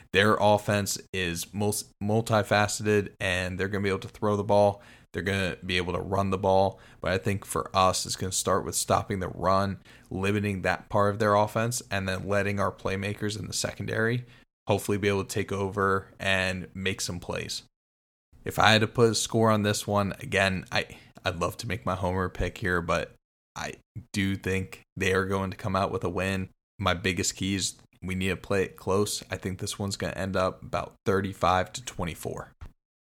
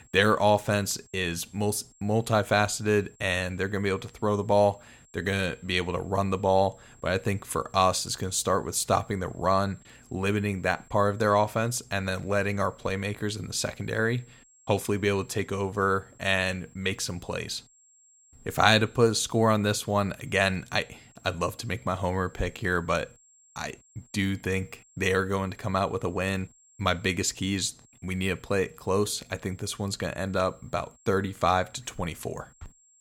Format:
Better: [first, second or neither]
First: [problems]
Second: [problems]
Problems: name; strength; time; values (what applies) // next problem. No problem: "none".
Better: first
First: none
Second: high-pitched whine; faint; throughout; 7.5 kHz, 30 dB below the speech